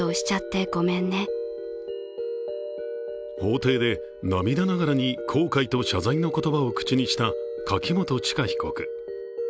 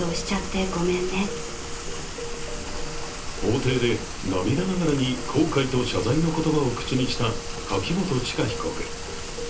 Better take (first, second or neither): first